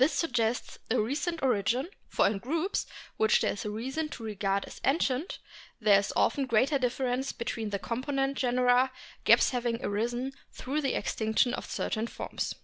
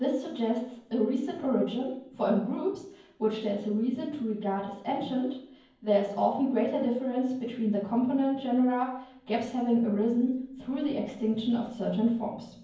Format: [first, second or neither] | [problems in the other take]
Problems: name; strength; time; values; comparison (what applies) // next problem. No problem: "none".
first | room echo; dies away in 0.9 s